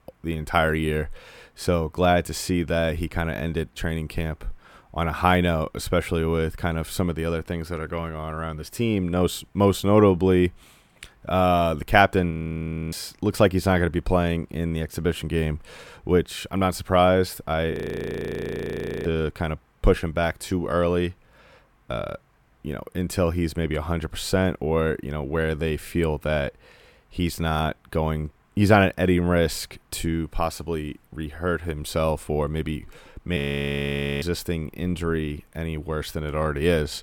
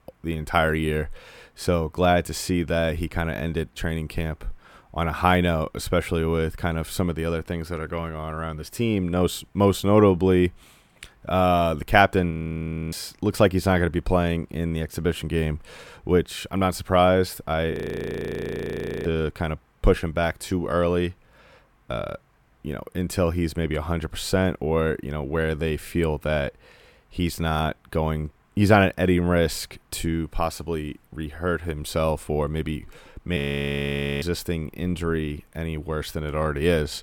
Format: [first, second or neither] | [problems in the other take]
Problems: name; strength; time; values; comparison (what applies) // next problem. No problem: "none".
neither | audio freezing; at 12 s for 0.5 s, at 18 s for 1.5 s and at 33 s for 1 s; the same in both